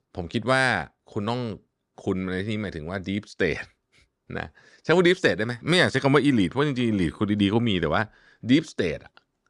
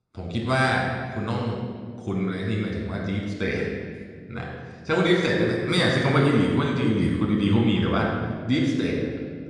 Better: first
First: none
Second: off-mic speech; far // room echo; noticeable; dies away in 1.8 s

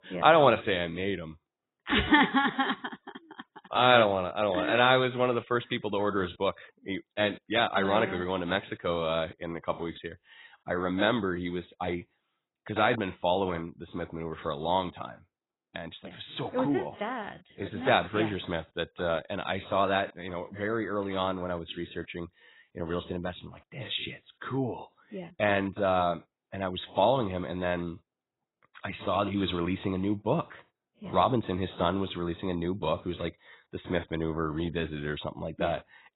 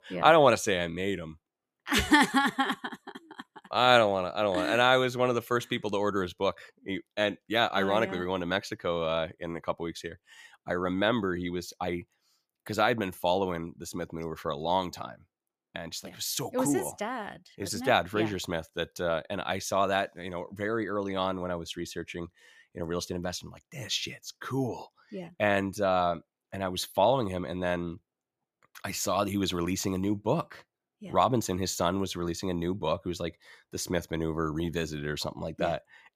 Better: second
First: garbled, watery; badly; nothing above 4 kHz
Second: none

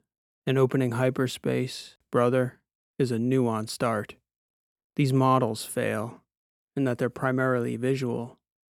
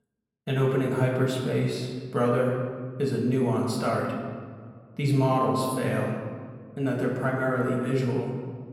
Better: first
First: none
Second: room echo; noticeable; dies away in 1.6 s // off-mic speech; far

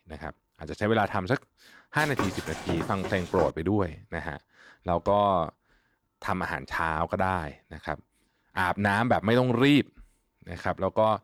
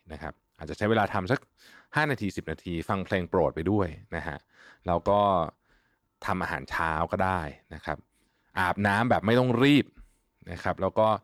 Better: second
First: footsteps; noticeable; from 2 to 3.5 s; peak 5 dB below the speech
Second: none

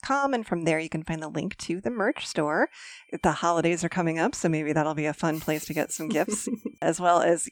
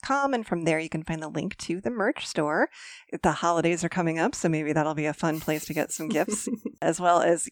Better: second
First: high-pitched whine; faint; from 2 s on; 2.5 kHz, 35 dB below the speech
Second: none

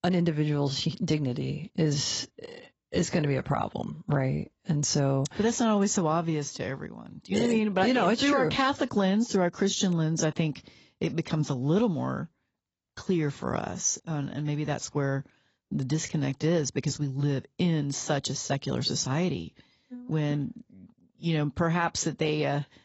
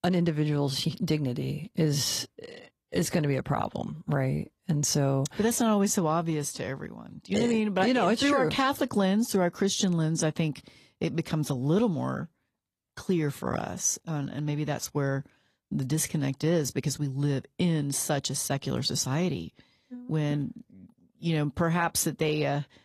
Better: second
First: garbled, watery; badly; nothing above 7.5 kHz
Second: garbled, watery; slightly; nothing above 12.5 kHz

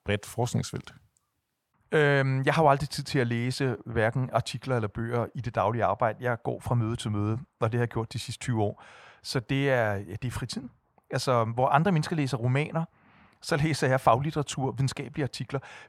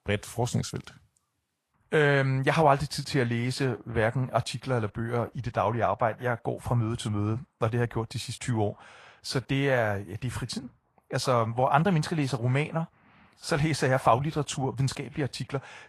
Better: first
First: none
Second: garbled, watery; slightly; nothing above 12.5 kHz

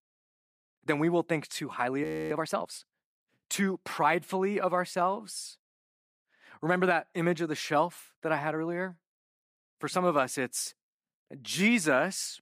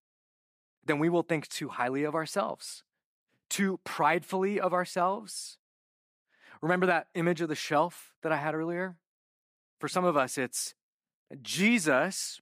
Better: second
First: audio freezing; at 2 s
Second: none

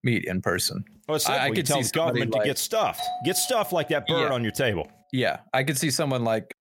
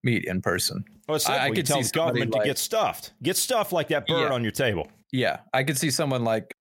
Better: second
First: doorbell; noticeable; from 3 to 4 s; peak 7 dB below the speech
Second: none

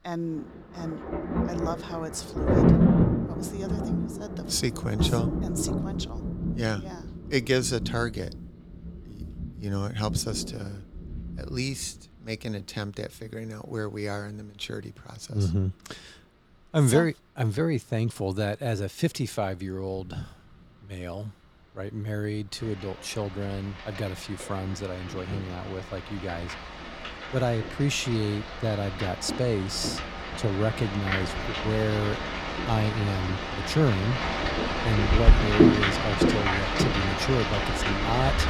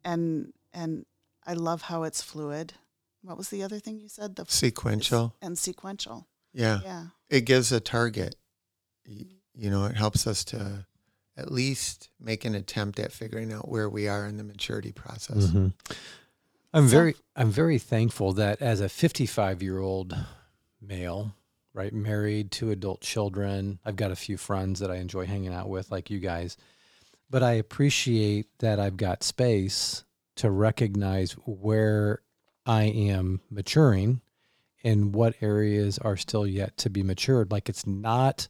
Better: second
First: rain or running water; very loud; throughout; 2 dB above the speech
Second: none

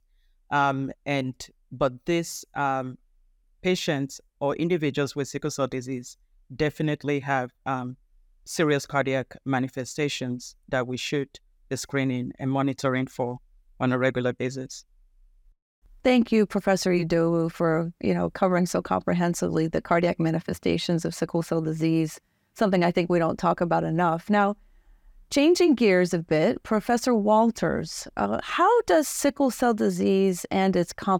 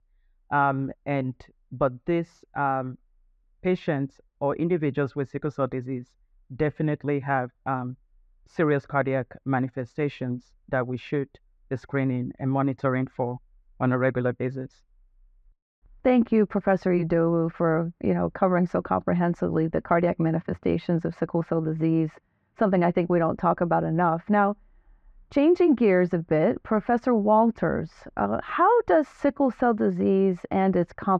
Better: first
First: none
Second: muffled; very; fading above 1.5 kHz

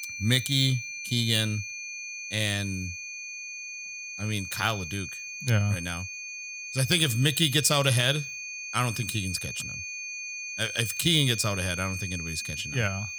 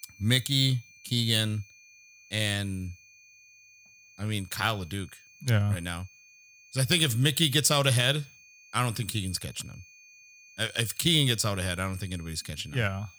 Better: second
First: high-pitched whine; loud; throughout; 2.5 kHz, 8 dB below the speech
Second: high-pitched whine; faint; throughout; 2.5 kHz, 25 dB below the speech

